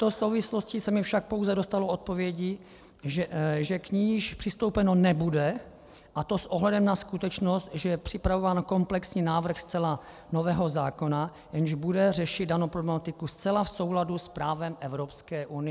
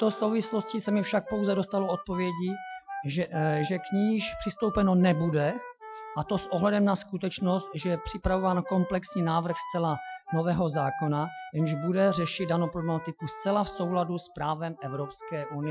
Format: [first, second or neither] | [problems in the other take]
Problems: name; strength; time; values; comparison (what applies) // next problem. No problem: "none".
first | noise reduction (classical method Wiener filter)